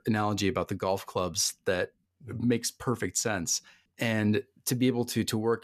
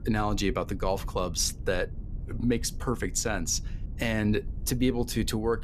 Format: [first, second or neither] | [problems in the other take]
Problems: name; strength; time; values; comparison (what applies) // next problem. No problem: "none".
first | low rumble; faint; throughout; 25 dB below the speech